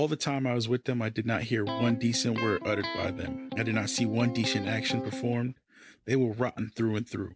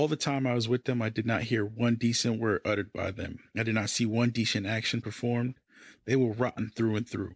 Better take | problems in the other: second | background sound (Electric guitar); 7 dB below the speech

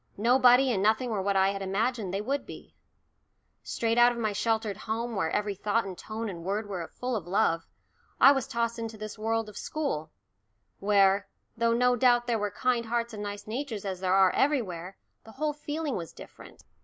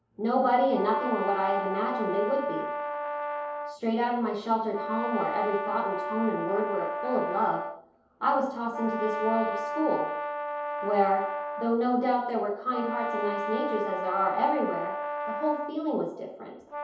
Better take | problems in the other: first | background sound (Brass instrument); 5 dB below the speech // room echo; dies away in 0.8 s

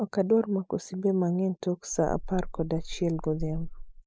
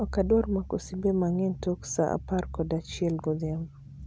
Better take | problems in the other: second | noise reduction (neural mask model Resemble Enhance denoiser)

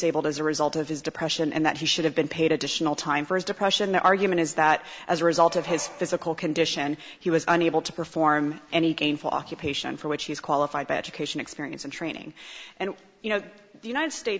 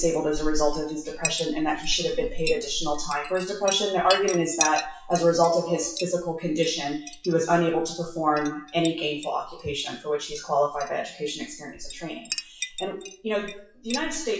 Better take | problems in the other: first | noise reduction (classical method WPE with log-MMSE)

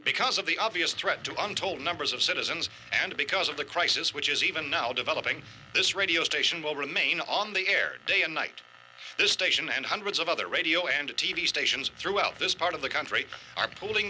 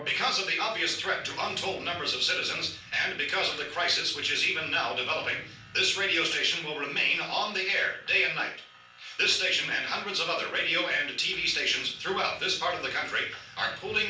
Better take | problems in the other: first | room echo; dies away in 0.4 s

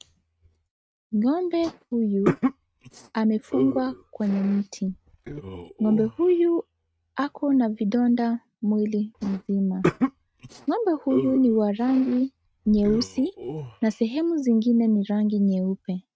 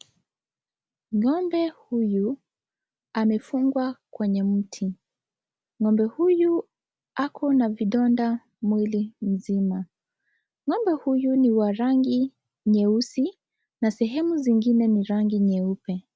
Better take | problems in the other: second | noise reduction (neural mask model RNNoise)

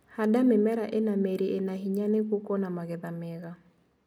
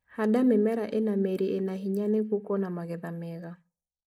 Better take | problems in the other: first | noise reduction (neural mask model Resemble Enhance denoiser)

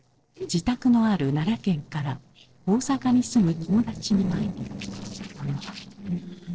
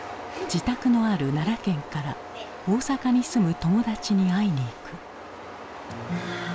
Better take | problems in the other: second | noise reduction (neural separator model SepFormer DNS4)

